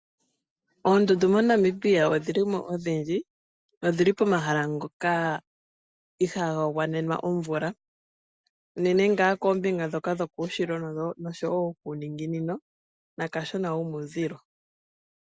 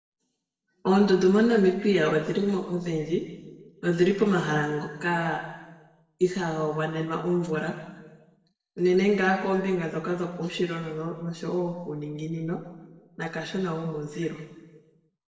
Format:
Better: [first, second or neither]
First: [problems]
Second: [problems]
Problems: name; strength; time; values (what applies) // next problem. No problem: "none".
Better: first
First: none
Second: noise reduction (neural separator model SepFormer DNS4)